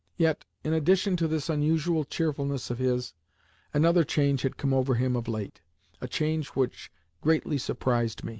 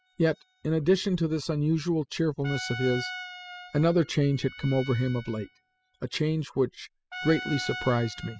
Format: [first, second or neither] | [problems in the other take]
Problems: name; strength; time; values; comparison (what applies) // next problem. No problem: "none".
first | noise reduction (classical method spectral subtraction)